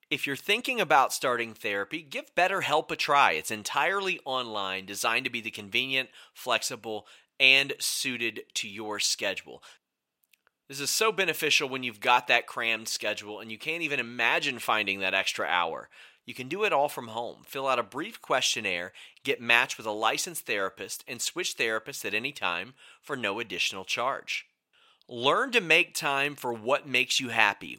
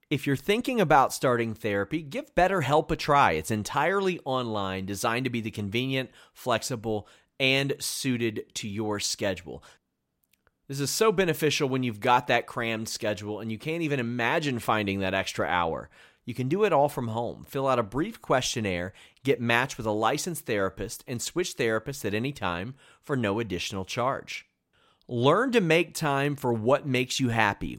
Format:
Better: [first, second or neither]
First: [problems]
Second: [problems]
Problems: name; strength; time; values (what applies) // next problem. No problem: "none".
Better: second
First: thin; somewhat; fading below 850 Hz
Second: none